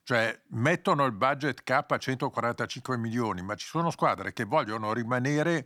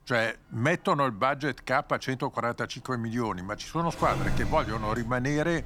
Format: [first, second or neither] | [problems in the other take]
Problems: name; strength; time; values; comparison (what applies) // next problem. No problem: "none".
first | household noises; loud; throughout; 7 dB below the speech